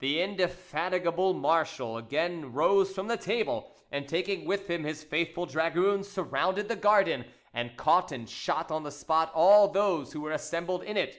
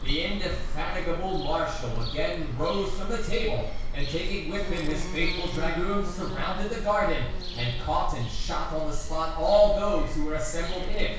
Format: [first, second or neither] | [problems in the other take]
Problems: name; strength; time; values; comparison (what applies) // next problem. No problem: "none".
first | background sound (Bird vocalization, bird call, bird song); 1 dB above the speech // room echo; dies away in 0.6 s